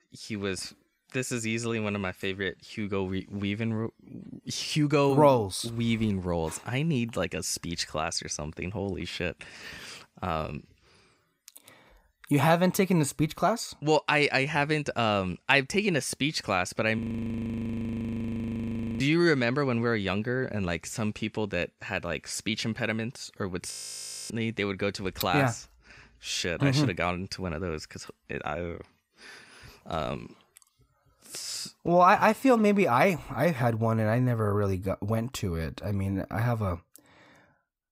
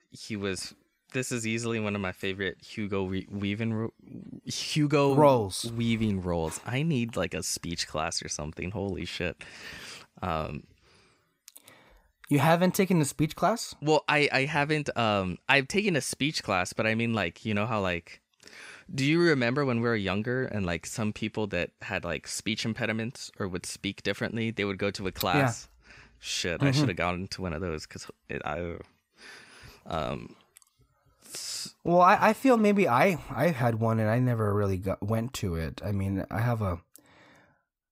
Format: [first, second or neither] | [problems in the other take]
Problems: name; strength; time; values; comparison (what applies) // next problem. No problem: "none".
second | audio freezing; at 17 s for 2 s and at 24 s for 0.5 s